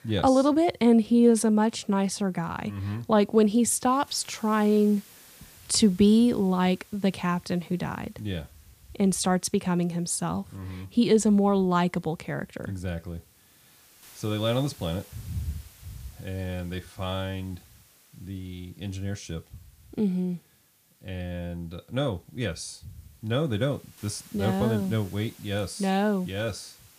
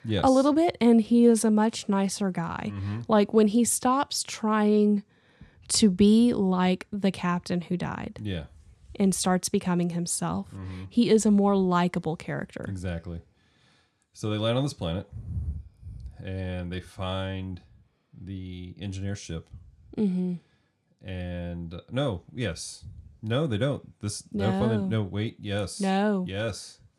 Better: second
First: hiss; faint; throughout; 25 dB below the speech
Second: none

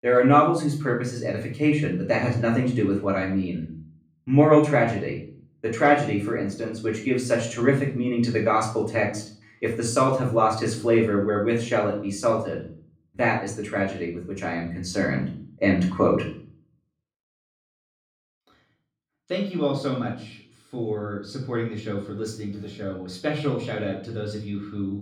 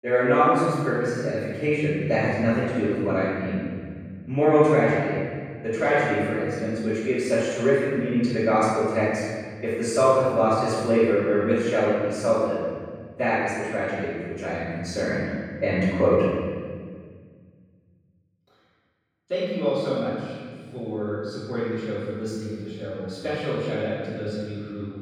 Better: first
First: room echo; slight; dies away in 0.5 s // off-mic speech; far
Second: room echo; strong; dies away in 1.9 s // off-mic speech; far

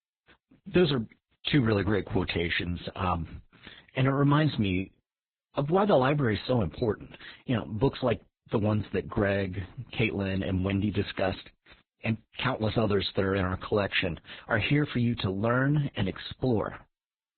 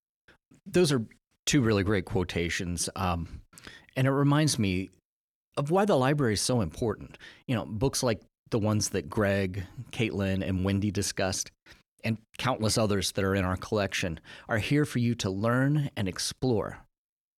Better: second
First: garbled, watery; badly; nothing above 4 kHz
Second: none

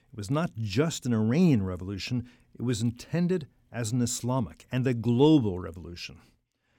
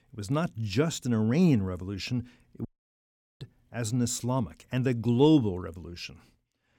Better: first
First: none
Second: audio cutting out; at 2.5 s for 1 s

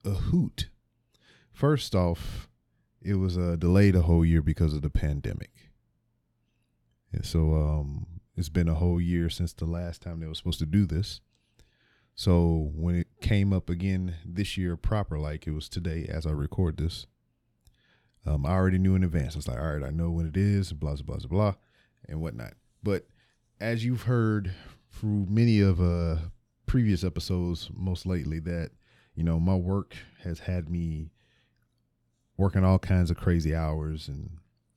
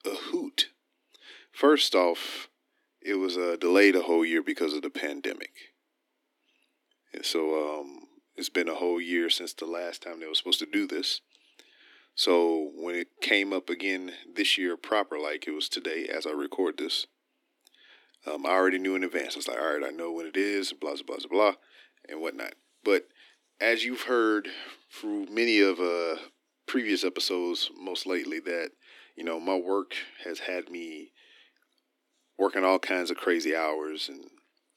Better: first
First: none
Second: thin; very; fading below 250 Hz

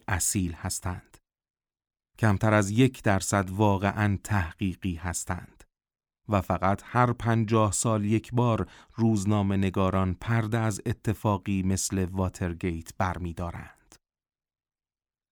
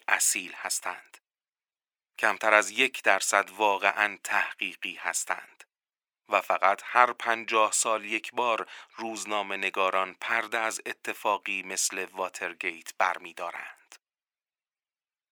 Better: first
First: none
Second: thin; very; fading below 500 Hz

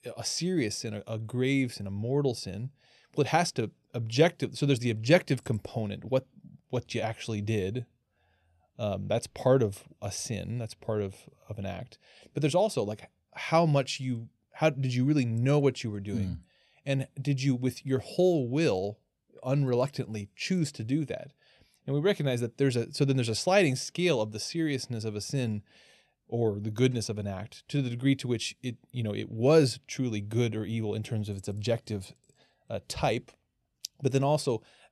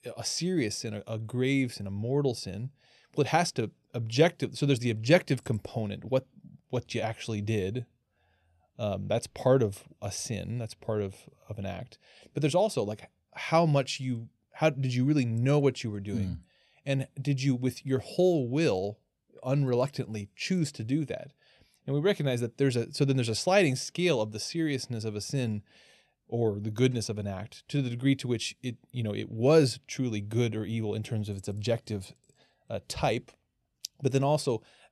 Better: neither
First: none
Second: none

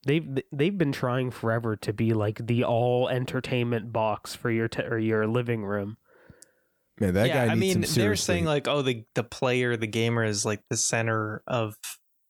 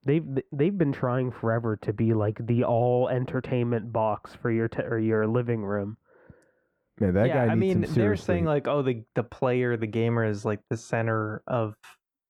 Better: first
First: none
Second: muffled; very; fading above 3 kHz

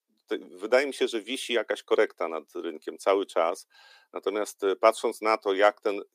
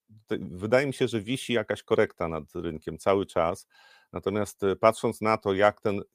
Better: second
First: thin; somewhat; fading below 300 Hz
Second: none

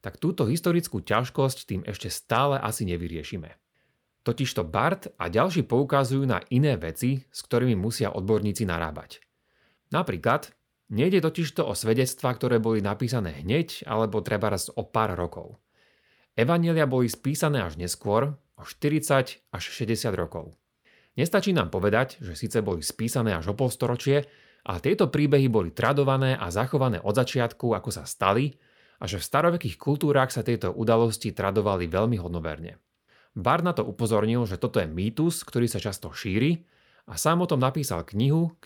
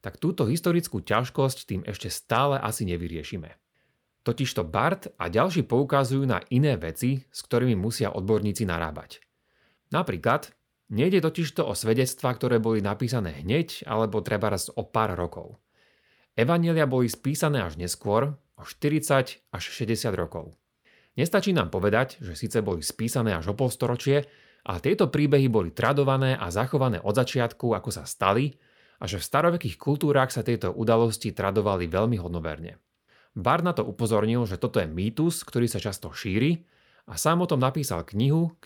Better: neither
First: none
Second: none

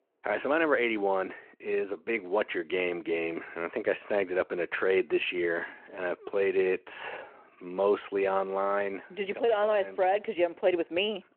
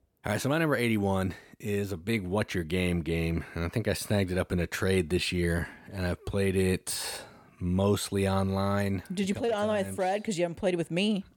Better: second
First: phone-call audio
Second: none

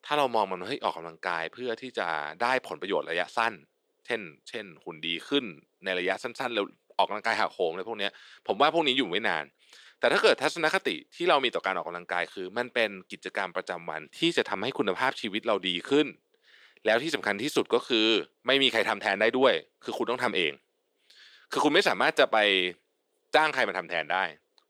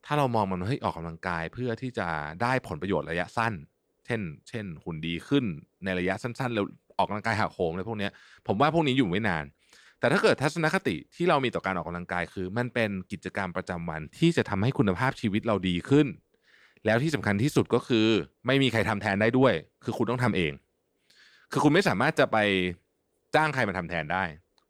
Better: second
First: thin; somewhat; fading below 400 Hz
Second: none

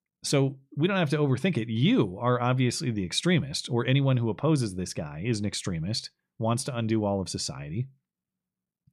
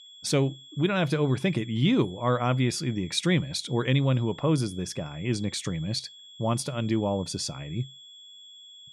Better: first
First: none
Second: high-pitched whine; noticeable; throughout; 3.5 kHz, 20 dB below the speech

